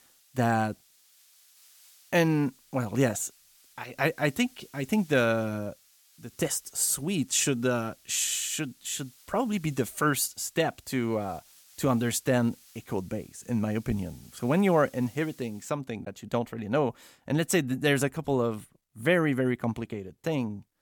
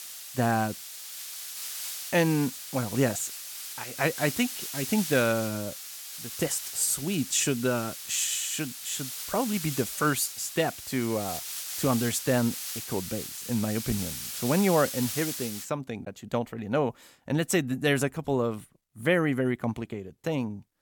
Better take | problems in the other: first | hiss; loud; until 16 s; 7 dB below the speech; faint in the first

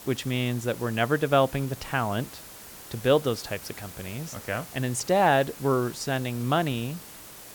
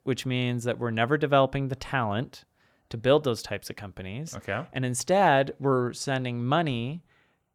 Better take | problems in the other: second | hiss; noticeable; throughout; 15 dB below the speech

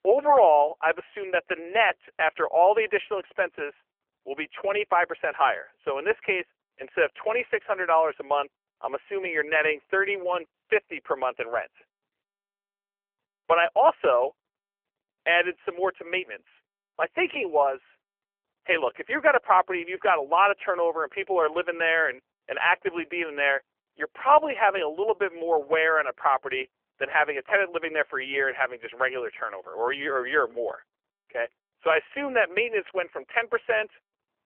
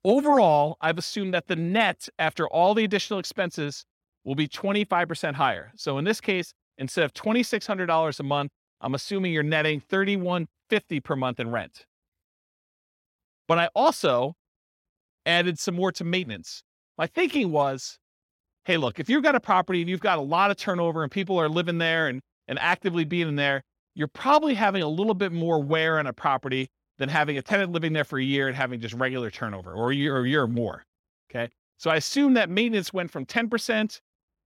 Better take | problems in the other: second | phone-call audio; nothing above 3 kHz

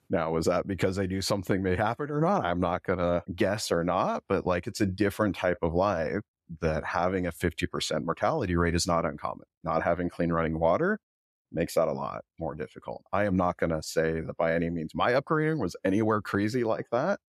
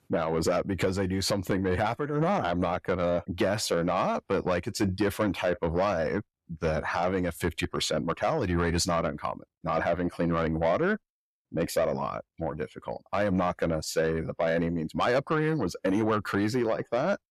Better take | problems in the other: first | distortion; slight; 10 dB below the speech

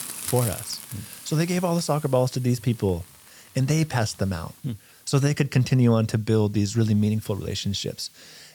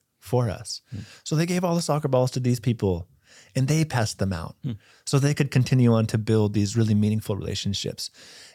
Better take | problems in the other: second | hiss; noticeable; throughout; 15 dB below the speech

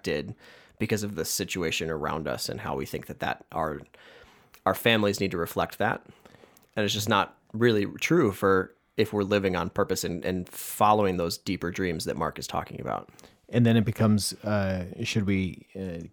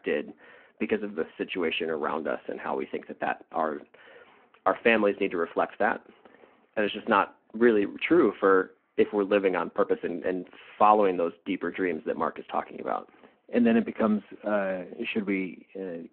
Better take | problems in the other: first | phone-call audio

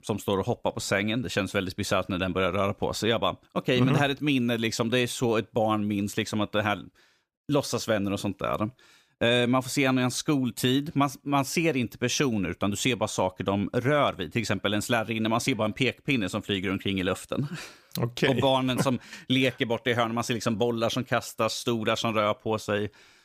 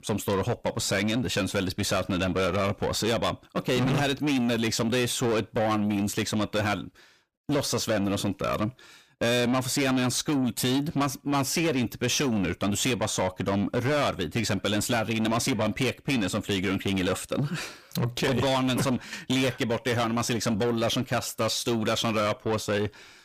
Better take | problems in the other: first | distortion; heavy; 8 dB below the speech

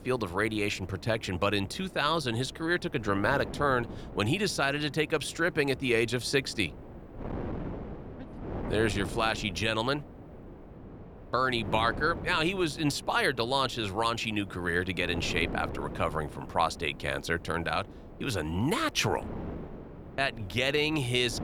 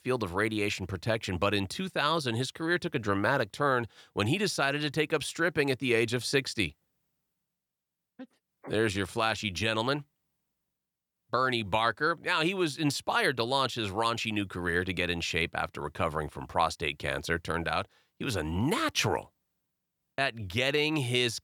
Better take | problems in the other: second | wind noise on the microphone; occasional gusts; 15 dB below the speech

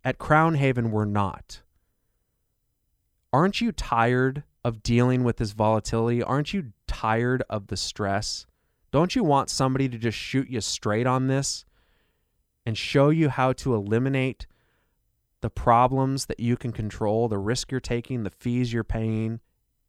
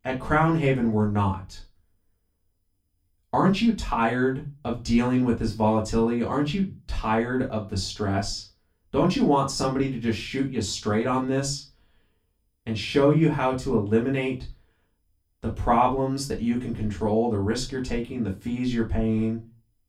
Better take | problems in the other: first | off-mic speech; far // room echo; very slight; dies away in 0.2 s

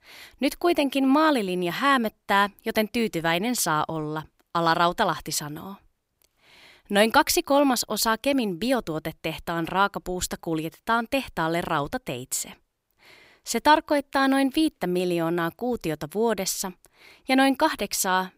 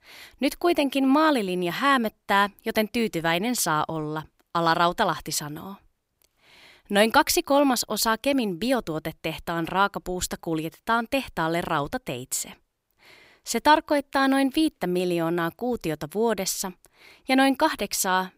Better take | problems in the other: neither | none

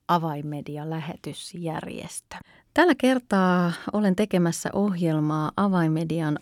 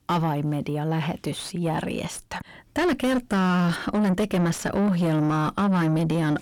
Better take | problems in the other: first | distortion; heavy; 6 dB below the speech

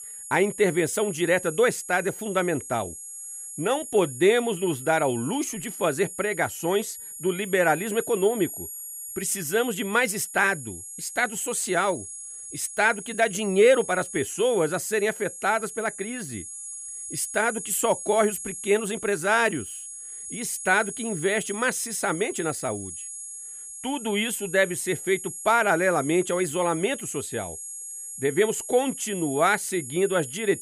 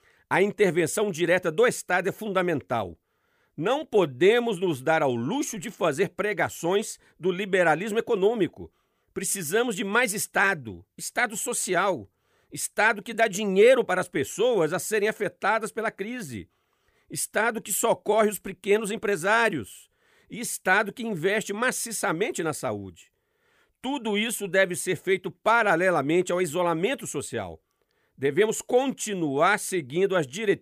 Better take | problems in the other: second | high-pitched whine; noticeable; throughout; 11 kHz, 10 dB below the speech

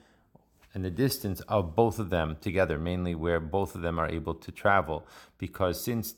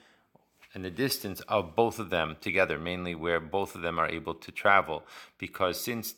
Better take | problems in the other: first | thin; very slightly; fading below 600 Hz

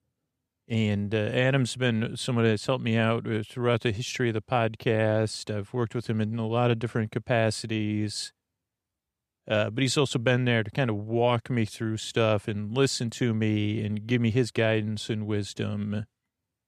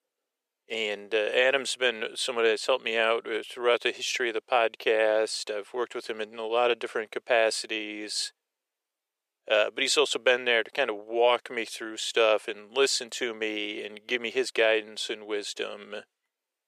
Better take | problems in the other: first | thin; very; fading below 450 Hz

